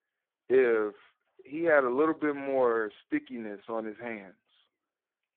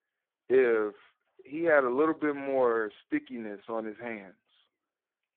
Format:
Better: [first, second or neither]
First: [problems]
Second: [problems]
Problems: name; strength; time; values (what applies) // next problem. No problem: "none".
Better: neither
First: phone-call audio; poor line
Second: phone-call audio; poor line